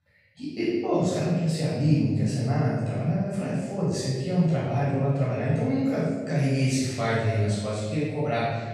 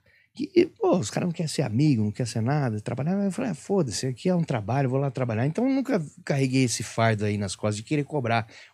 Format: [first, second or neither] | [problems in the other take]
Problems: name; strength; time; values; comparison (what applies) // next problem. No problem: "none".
second | off-mic speech; far // room echo; strong; dies away in 1.3 s